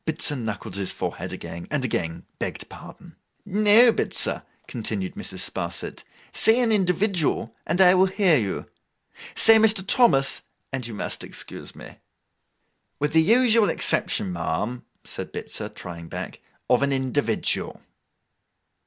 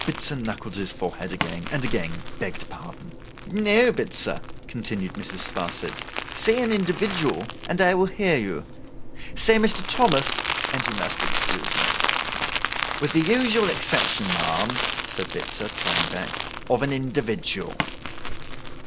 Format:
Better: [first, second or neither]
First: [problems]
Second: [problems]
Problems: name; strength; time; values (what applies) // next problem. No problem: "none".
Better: first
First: none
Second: background sound (Crumpling, crinkling); 3 dB below the speech